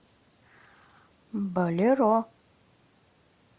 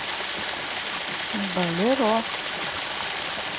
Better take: first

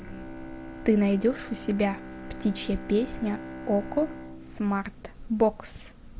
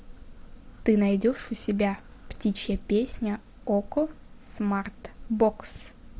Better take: second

